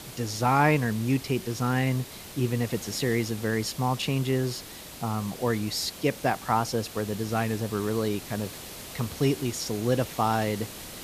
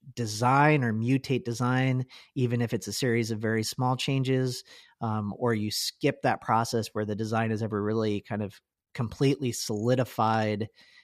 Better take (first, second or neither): second